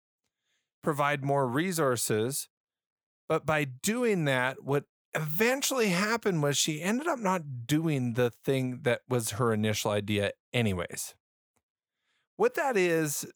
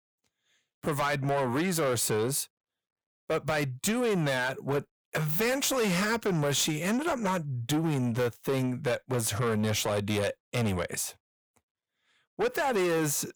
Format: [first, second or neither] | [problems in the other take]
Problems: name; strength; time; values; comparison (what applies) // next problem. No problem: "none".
first | distortion; heavy; 8 dB below the speech